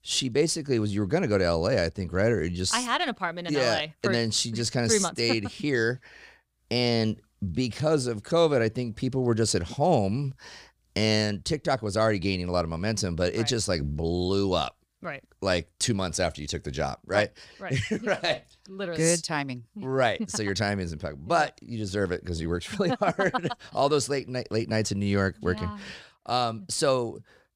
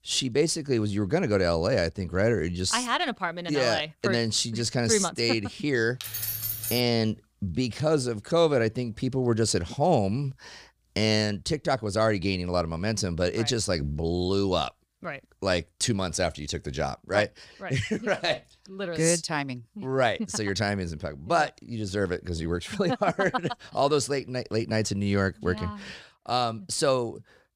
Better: first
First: none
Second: jangling keys; noticeable; at 6 s; peak 2 dB below the speech

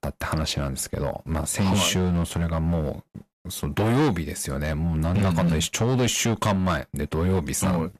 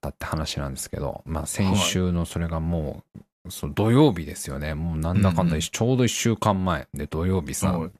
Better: second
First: distortion; heavy; 11% of the sound clipped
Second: none

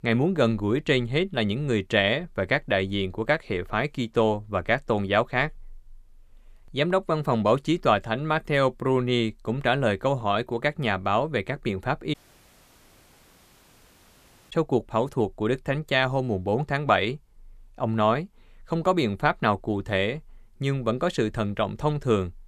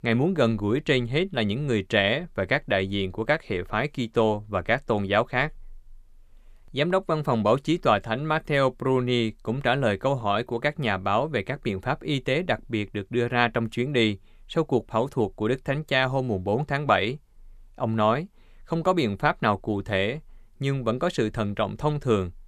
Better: second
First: audio cutting out; at 12 s for 2.5 s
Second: none

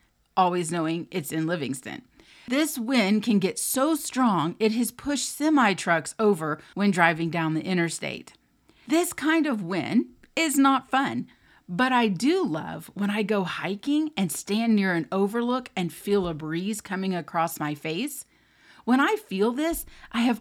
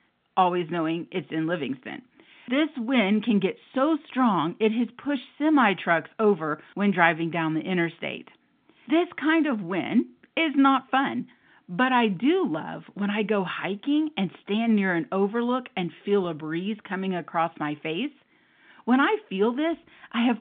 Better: first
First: none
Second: phone-call audio; nothing above 3.5 kHz

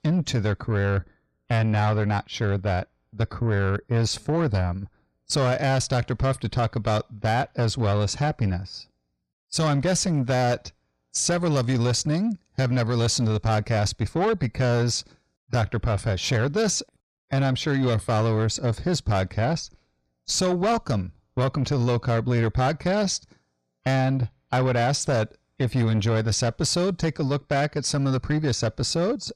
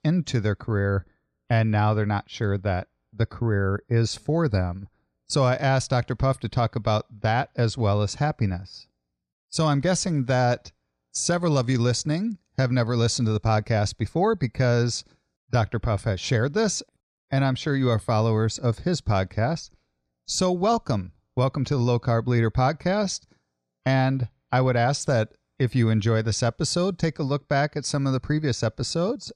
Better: second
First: distortion; slight; 10 dB below the speech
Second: none

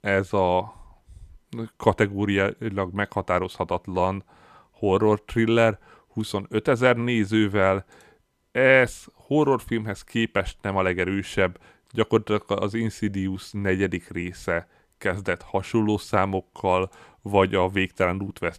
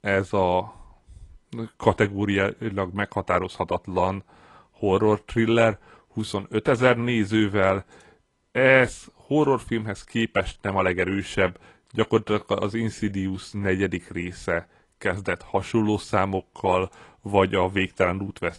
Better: first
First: none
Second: garbled, watery; slightly; nothing above 10 kHz

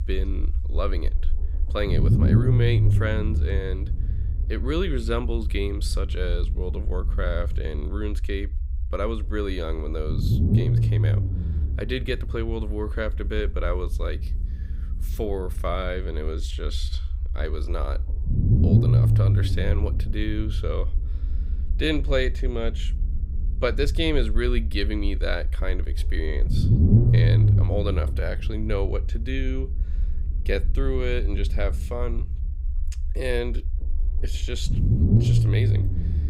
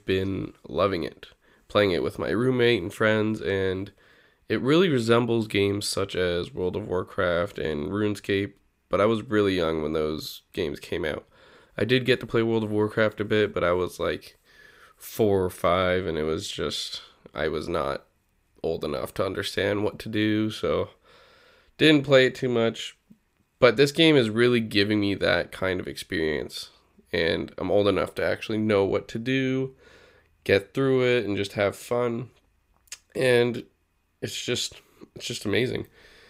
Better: second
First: low rumble; loud; throughout; 5 dB below the speech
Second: none

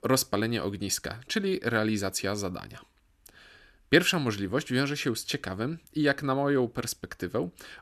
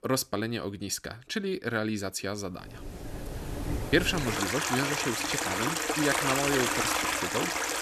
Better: first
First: none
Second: rain or running water; very loud; from 3 s on; 2 dB above the speech

